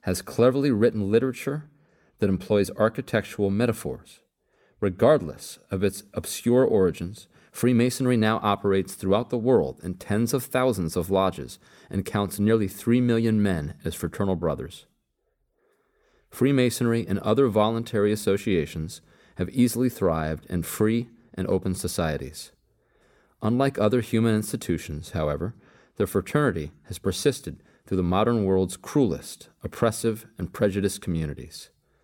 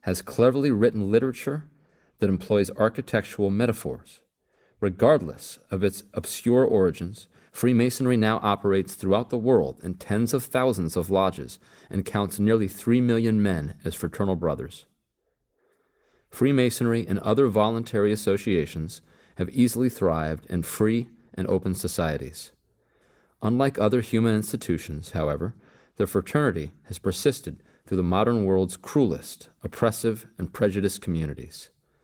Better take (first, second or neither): first